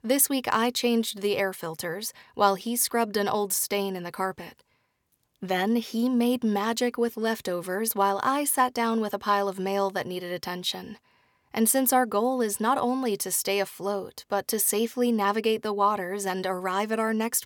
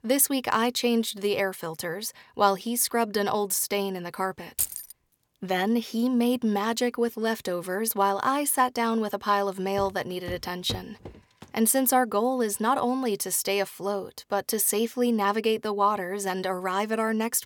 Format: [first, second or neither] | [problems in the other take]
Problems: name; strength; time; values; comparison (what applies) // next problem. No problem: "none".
first | jangling keys; noticeable; at 4.5 s; peak 2 dB below the speech // footsteps; faint; from 10 to 11 s; peak 15 dB below the speech